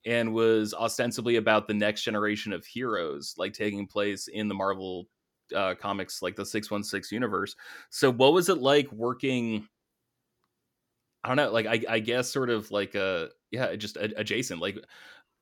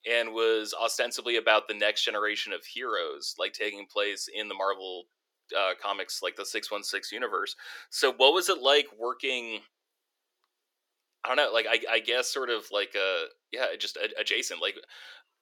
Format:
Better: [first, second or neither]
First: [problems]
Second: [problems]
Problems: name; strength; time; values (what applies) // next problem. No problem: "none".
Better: first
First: none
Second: thin; very; fading below 400 Hz